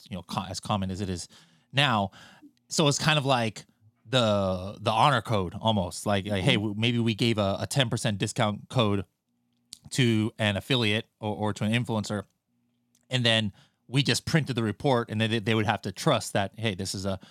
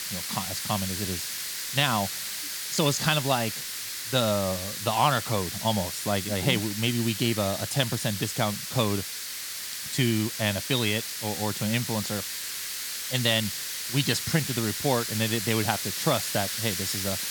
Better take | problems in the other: first | hiss; loud; throughout; 3 dB below the speech

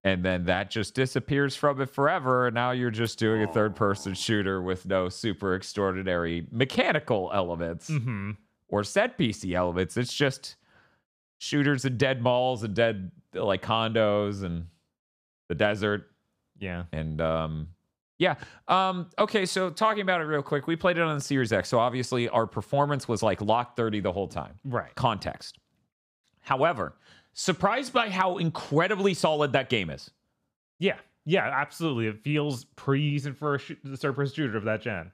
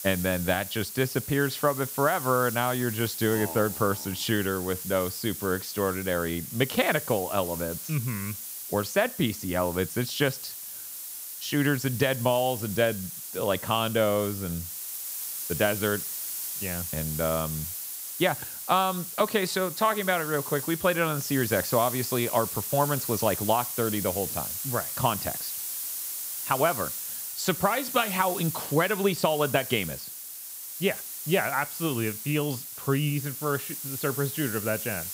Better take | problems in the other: first | hiss; loud; throughout; 6 dB below the speech

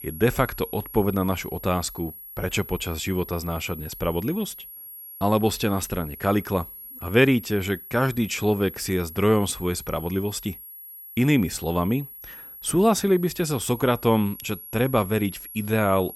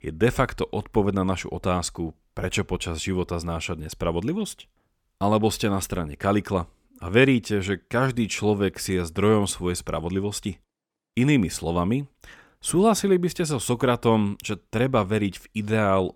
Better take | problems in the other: second | high-pitched whine; noticeable; throughout; 11.5 kHz, 15 dB below the speech

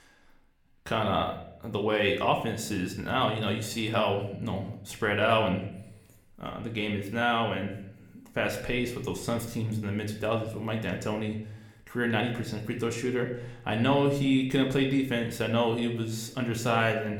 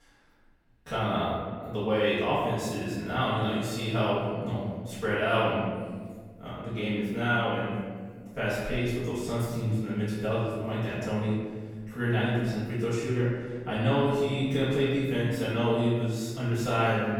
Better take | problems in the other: first | room echo; strong; dies away in 1.6 s; slight in the first // off-mic speech; far

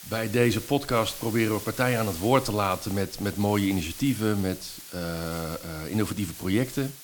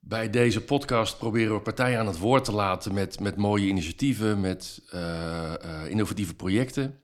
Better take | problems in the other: second | hiss; noticeable; throughout; 10 dB below the speech

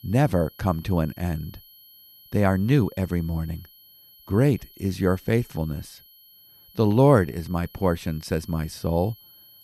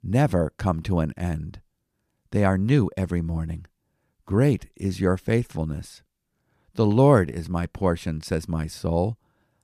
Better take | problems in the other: second | high-pitched whine; faint; throughout; 11.5 kHz, 25 dB below the speech

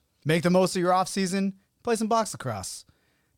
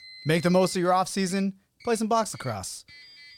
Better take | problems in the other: first | traffic noise; faint; throughout; 20 dB below the speech

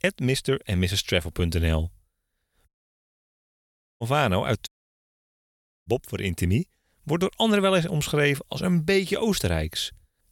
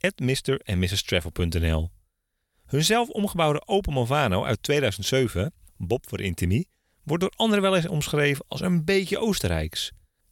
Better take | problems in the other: second | audio cutting out; at 2.5 s for 1.5 s and at 4.5 s for 1 s

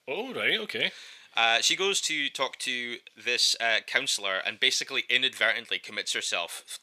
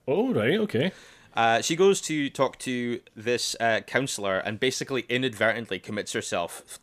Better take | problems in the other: second | thin; somewhat; fading below 1 kHz

